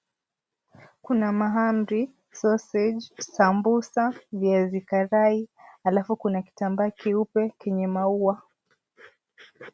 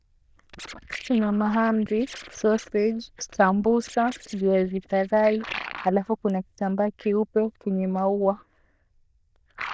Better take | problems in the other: first | noise reduction (neural diffusion model UNIVERSE++)

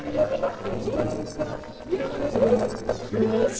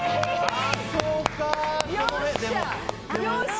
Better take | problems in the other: second | noise reduction (neural separator model SepFormer DNS4)

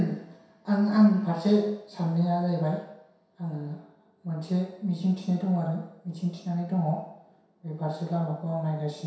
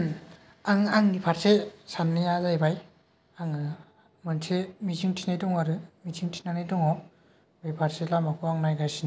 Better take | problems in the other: second | room echo; dies away in 0.7 s

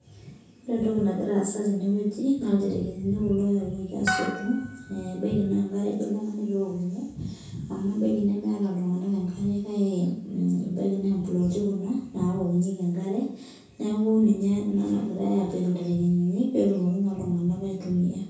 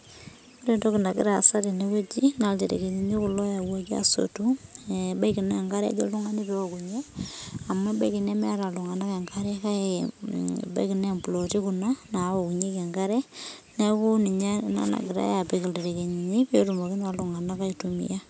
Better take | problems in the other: second | background sound (Harp); 8 dB below the speech // room echo; dies away in 0.6 s

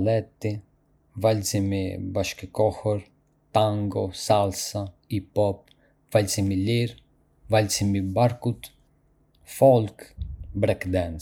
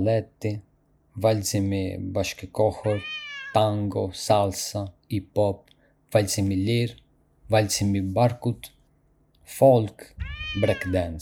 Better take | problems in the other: first | background sound (Cat); 13 dB below the speech

